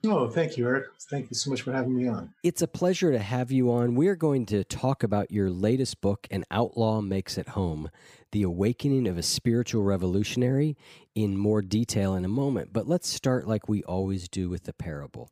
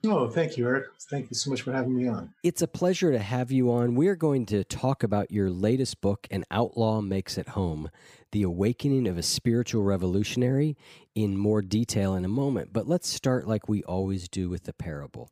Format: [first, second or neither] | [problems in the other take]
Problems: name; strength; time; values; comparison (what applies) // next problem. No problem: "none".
neither | none